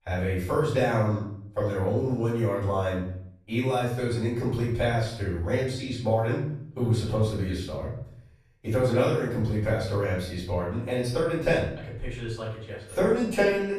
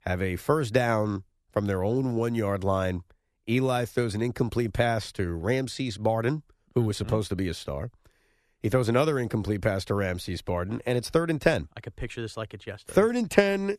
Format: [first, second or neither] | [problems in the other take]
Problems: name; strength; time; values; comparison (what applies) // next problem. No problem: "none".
second | off-mic speech; far // room echo; noticeable; dies away in 0.6 s